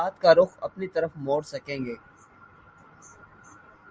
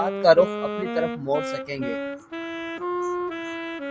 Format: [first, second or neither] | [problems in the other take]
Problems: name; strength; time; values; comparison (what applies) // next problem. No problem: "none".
first | background sound (Wind instrument, woodwind instrument); 4 dB below the speech